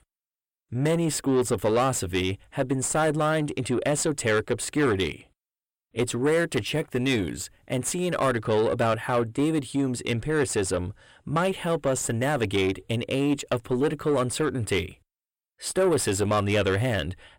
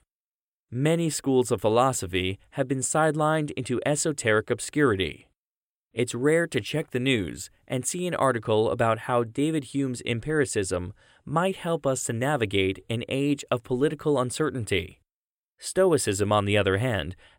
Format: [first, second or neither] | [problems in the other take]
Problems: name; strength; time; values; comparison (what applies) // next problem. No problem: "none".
second | distortion; slight; 9 dB below the speech